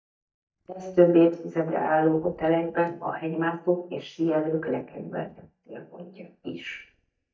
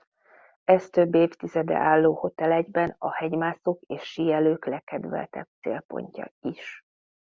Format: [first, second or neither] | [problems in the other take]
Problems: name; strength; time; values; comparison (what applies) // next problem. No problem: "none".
second | noise reduction (neural mask model DeepFilterNet 3)